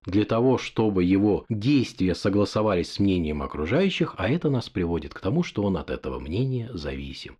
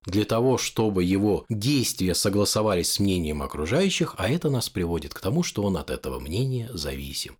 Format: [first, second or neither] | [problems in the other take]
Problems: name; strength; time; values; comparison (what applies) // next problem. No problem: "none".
second | muffled; slightly; fading above 2.5 kHz